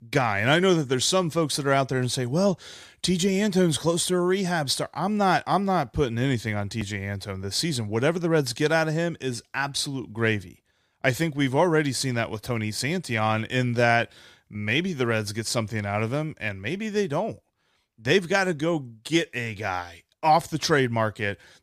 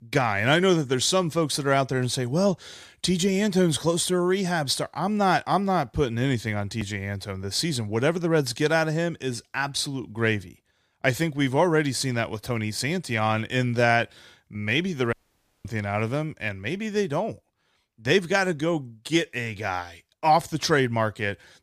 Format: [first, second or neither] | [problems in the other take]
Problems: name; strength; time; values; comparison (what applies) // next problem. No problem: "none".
first | audio cutting out; at 15 s for 0.5 s